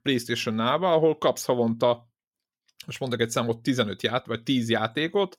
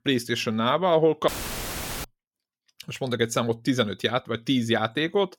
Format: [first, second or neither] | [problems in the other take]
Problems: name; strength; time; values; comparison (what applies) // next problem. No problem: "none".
first | audio cutting out; filled with static; at 1.5 s for 1 s